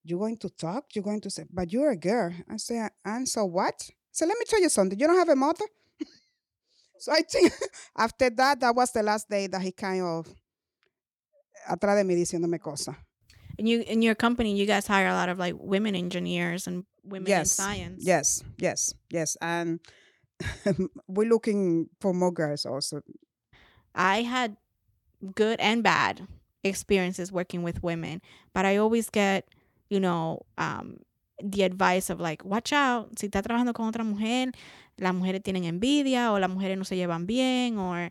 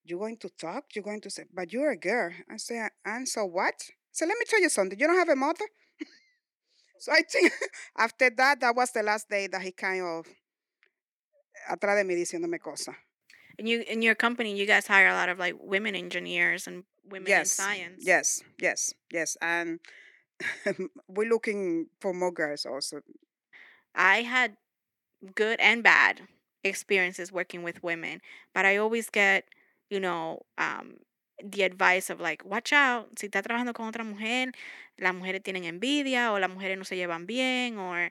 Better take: first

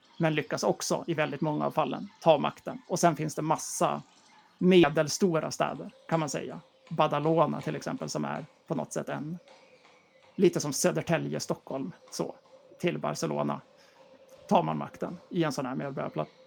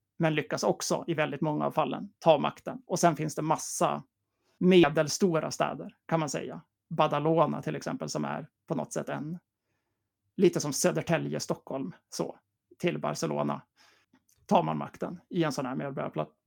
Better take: second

